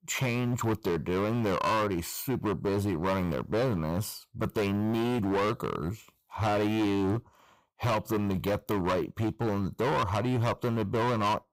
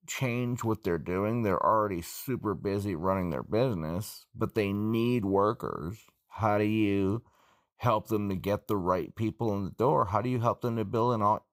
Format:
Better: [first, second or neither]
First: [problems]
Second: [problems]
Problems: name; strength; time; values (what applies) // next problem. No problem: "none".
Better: second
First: distortion; heavy; 20% of the sound clipped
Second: none